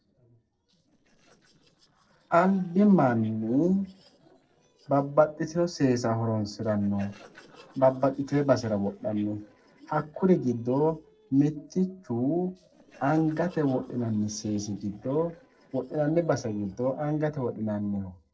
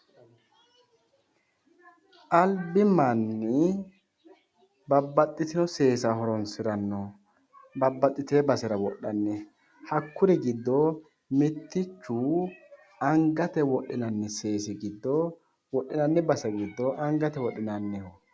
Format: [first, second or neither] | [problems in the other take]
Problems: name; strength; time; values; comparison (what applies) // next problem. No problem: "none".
second | noise reduction (neural separator model SepFormer DNS4)